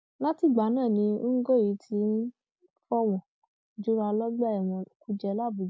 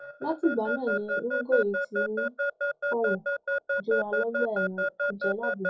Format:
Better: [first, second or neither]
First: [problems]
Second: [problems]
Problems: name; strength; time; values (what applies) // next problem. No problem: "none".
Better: first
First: none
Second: noise reduction (classical method WPE with log-MMSE)